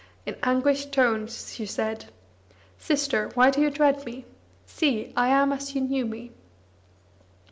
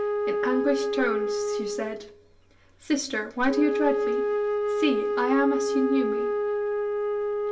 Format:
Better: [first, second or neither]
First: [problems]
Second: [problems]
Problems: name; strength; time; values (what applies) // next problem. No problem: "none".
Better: first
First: none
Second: background sound (Wind instrument, woodwind instrument); 1 dB above the speech // room echo; dies away in 0.2 s